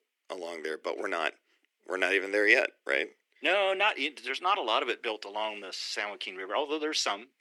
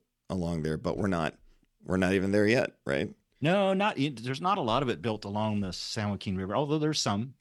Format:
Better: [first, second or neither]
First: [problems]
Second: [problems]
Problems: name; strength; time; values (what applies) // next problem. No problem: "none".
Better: second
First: thin; very; fading below 350 Hz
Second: none